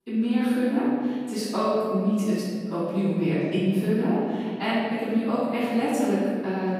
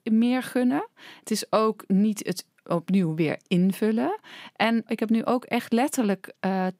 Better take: second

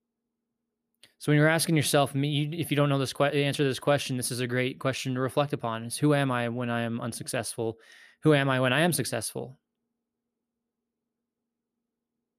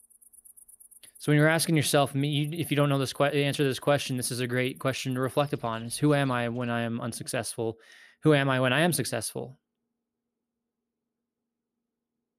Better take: first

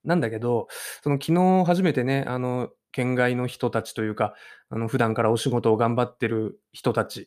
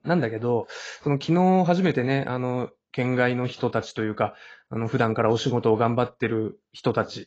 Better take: first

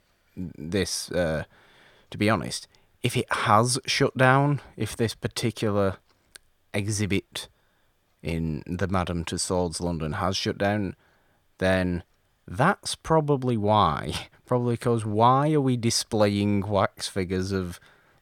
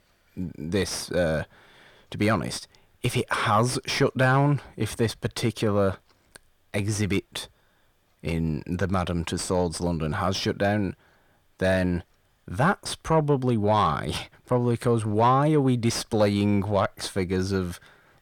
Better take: first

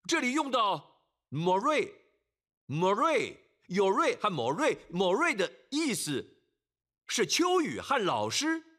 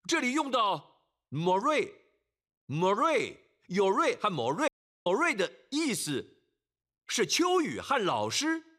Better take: first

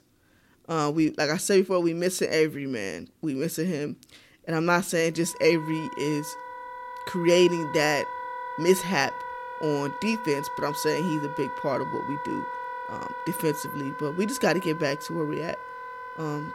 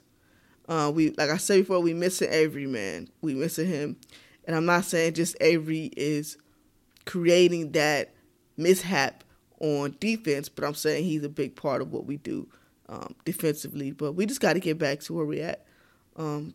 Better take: second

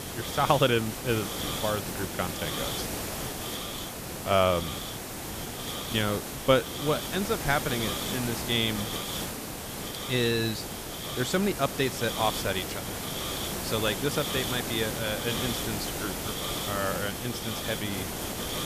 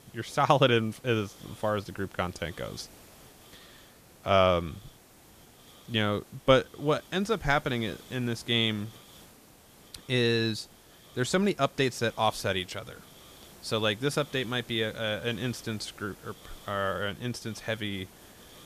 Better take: second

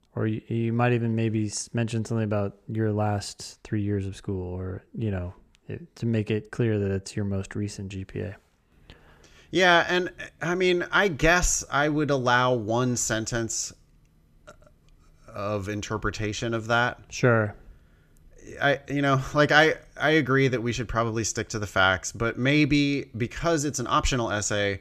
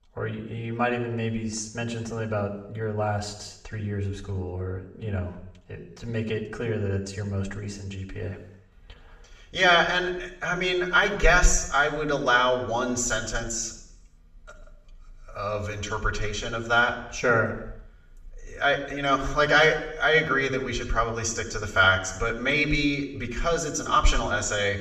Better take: first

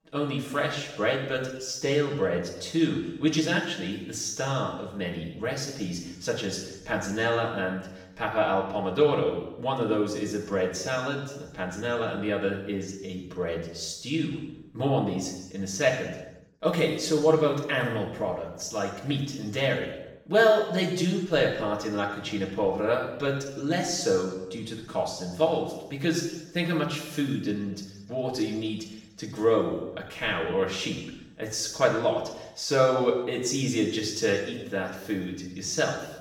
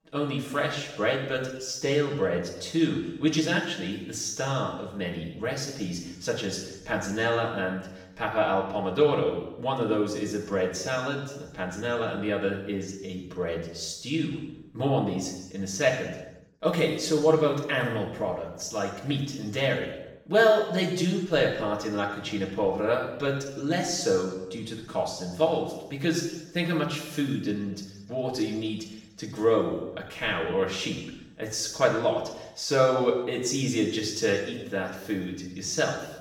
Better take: neither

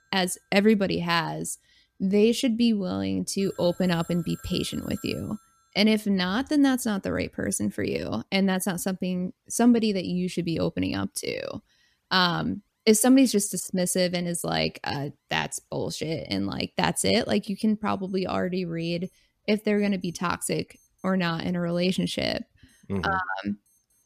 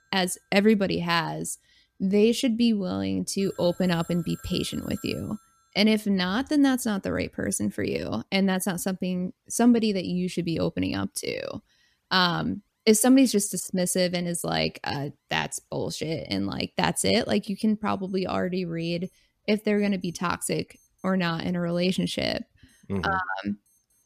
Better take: neither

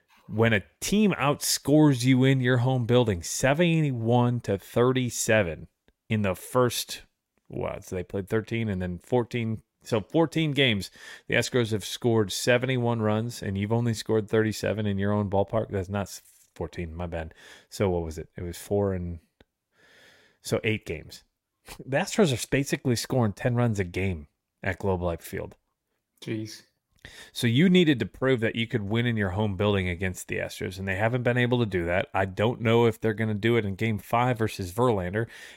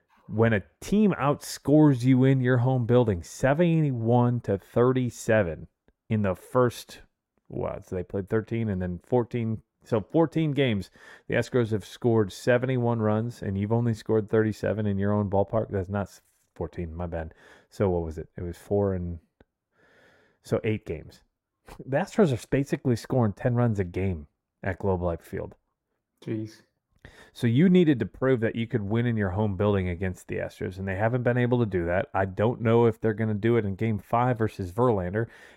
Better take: first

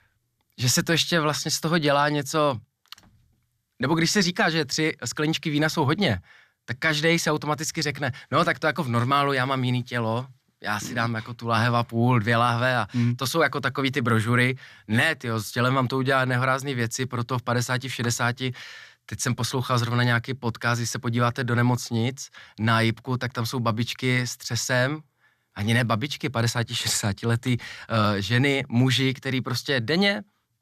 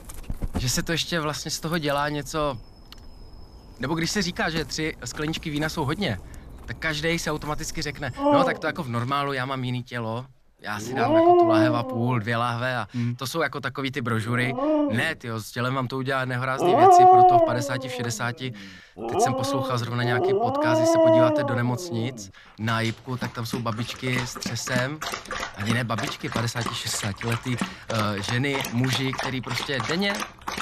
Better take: first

